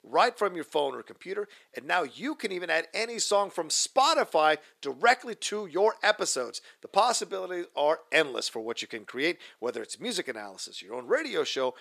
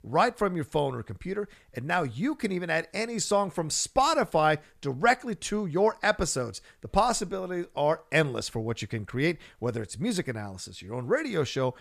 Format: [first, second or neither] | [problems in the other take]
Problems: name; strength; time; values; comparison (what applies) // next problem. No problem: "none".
second | thin; somewhat; fading below 350 Hz